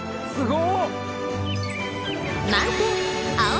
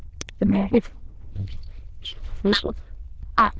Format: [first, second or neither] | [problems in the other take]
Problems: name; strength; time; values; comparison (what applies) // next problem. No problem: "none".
first | noise reduction (neural diffusion model UNIVERSE++)